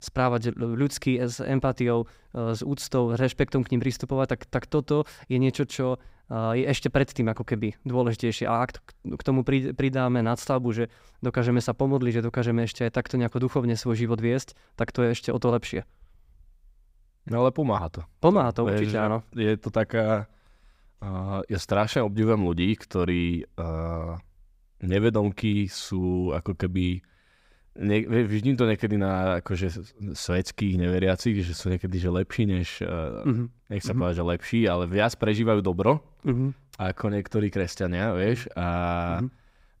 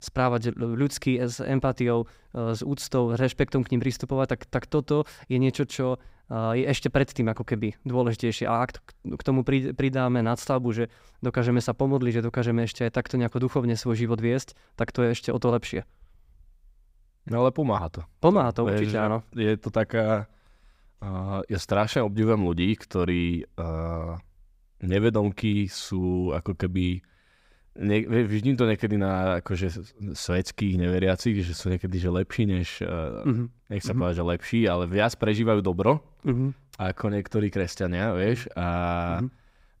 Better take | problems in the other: neither | none

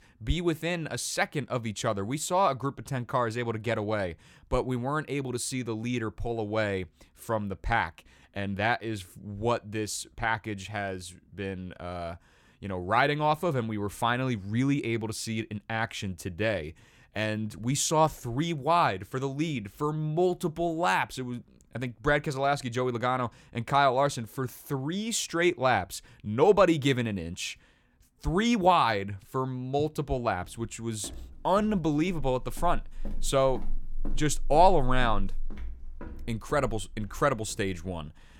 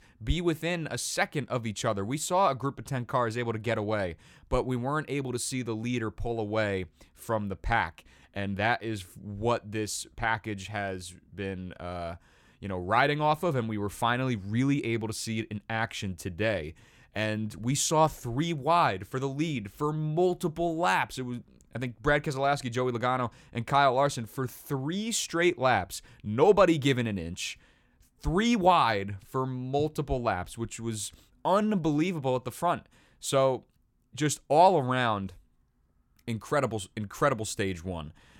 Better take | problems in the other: second | footsteps; noticeable; from 31 to 38 s; peak 8 dB below the speech

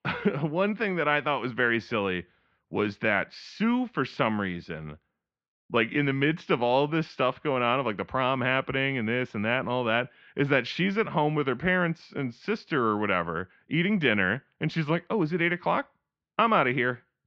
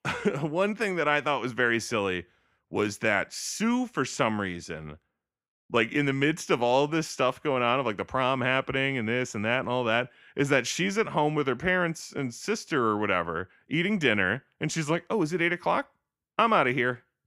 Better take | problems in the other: second | muffled; slightly; fading above 4 kHz

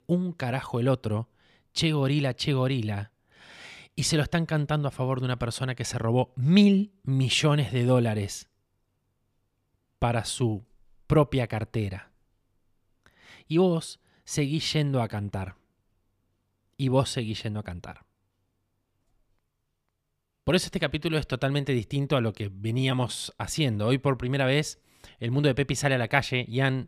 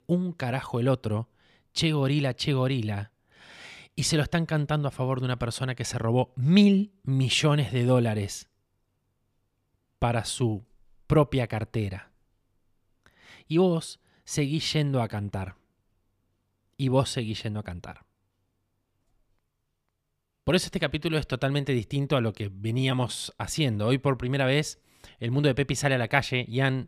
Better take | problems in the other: neither | none

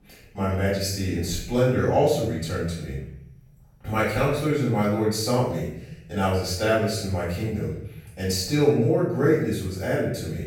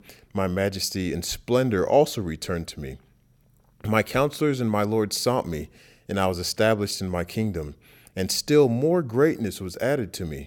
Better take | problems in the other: second | off-mic speech; far // room echo; noticeable; dies away in 0.8 s

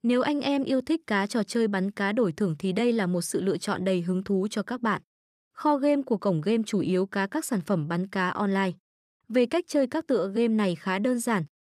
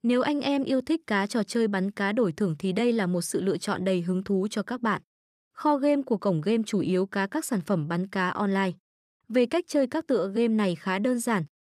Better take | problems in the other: neither | none

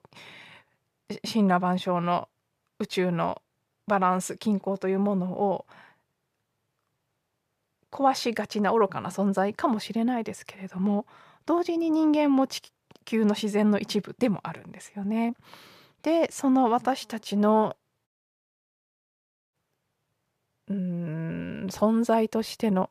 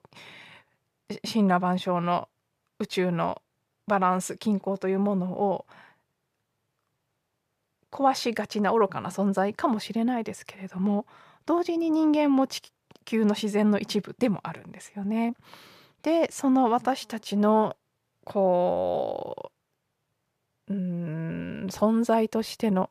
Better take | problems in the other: second | audio cutting out; at 18 s for 1.5 s

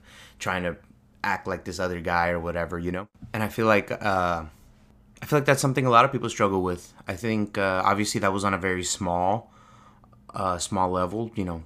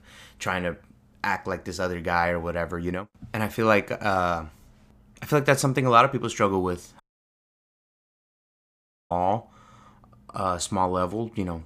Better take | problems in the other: first | audio cutting out; at 7 s for 2 s

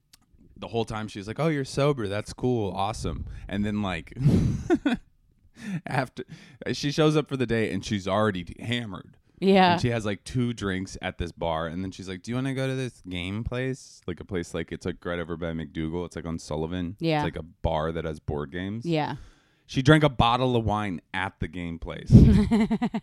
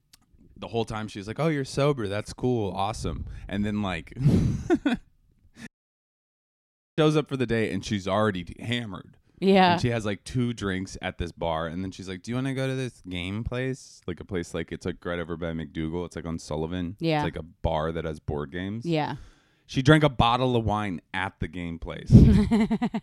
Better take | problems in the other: first | audio cutting out; at 5.5 s for 1.5 s

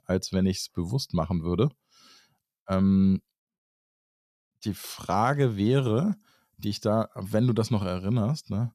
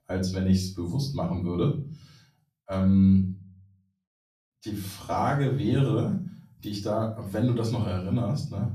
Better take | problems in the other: first | off-mic speech; far // room echo; slight; dies away in 0.4 s

